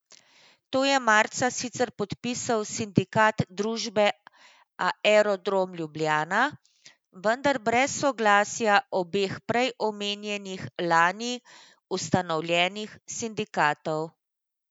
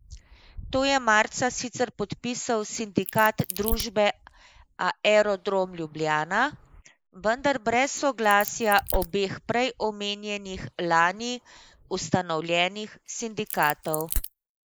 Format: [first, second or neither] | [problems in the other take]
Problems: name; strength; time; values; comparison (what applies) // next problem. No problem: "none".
first | noise reduction (neural mask model Resemble Enhance denoiser)